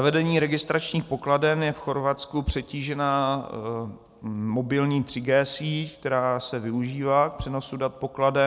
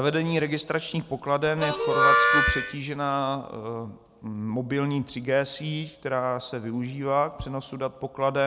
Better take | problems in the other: first | background sound (Harmonica); 4 dB above the speech

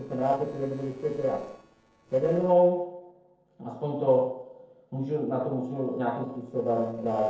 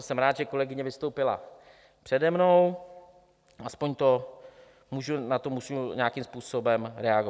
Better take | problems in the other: second | noise reduction (neural separator model SepFormer DNS4)

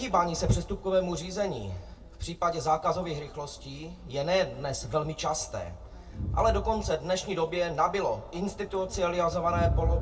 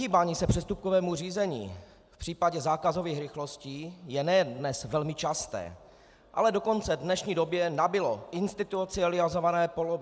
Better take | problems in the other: second | background sound (Crowd); 7 dB below the speech // room echo; dies away in 0.1 s

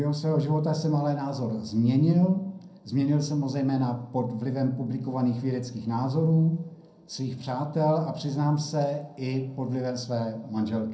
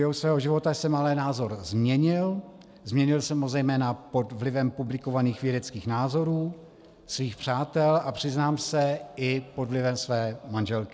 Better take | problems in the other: second | room echo; dies away in 0.6 s

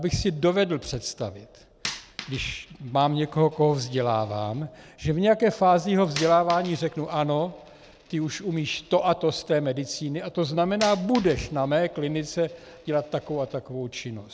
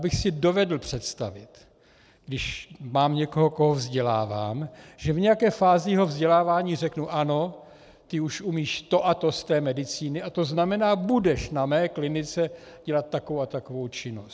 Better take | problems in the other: second | background sound (Coin (dropping)); 18 dB below the speech

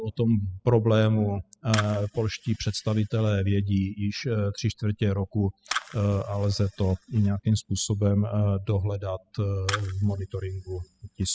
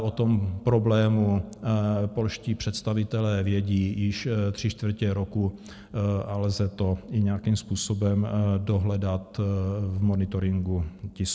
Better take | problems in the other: second | noise reduction (classical method spectral subtraction)

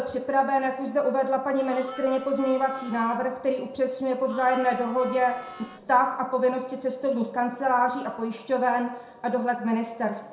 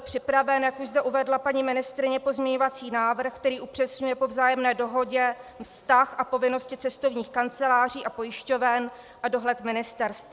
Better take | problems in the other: second | background sound (Harmonica); 17 dB below the speech // room echo; dies away in 0.5 s

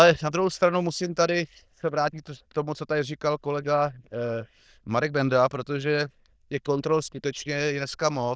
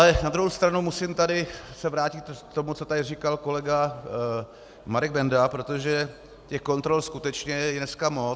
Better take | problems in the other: second | noise reduction (neural diffusion model UNIVERSE++)

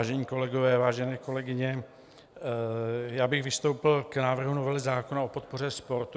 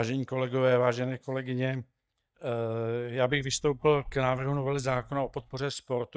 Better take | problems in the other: first | noise reduction (neural mask model DeepFilterNet 3)

